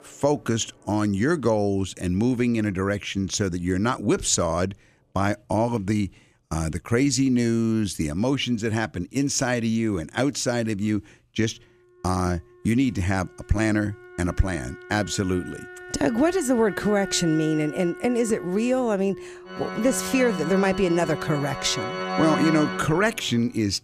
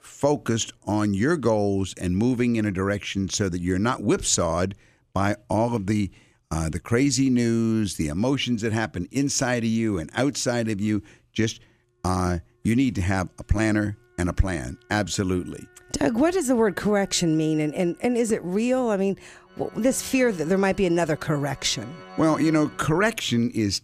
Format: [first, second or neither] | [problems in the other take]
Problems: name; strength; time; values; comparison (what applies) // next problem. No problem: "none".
second | background music; loud; throughout; 9 dB below the speech; faint in the second